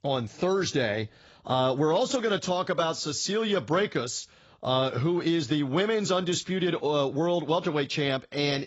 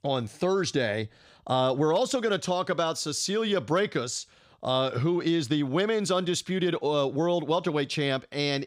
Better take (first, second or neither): second